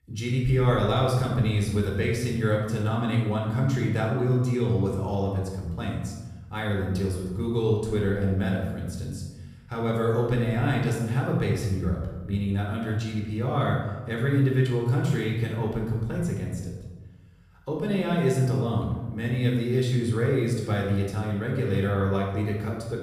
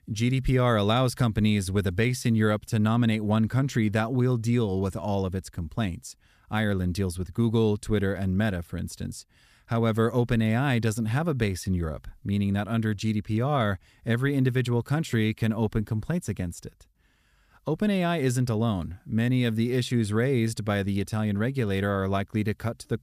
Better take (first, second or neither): second